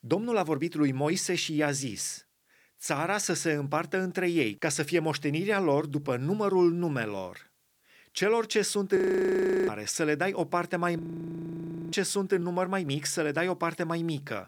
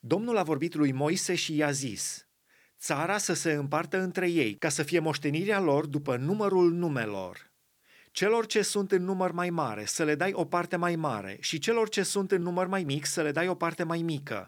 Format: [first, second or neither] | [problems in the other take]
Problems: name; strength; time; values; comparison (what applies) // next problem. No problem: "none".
second | audio freezing; at 9 s for 0.5 s and at 11 s for 1 s